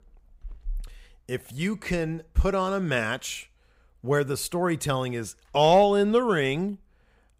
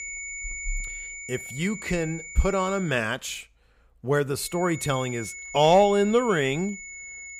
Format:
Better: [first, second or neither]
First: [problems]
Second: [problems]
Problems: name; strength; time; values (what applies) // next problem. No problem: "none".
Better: first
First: none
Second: high-pitched whine; noticeable; until 3 s and from 4.5 s on; 2 kHz, 10 dB below the speech